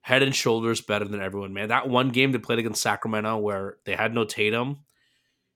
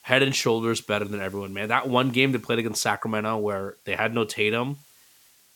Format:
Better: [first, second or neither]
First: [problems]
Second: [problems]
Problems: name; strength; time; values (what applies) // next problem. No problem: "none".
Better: first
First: none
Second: hiss; faint; throughout; 30 dB below the speech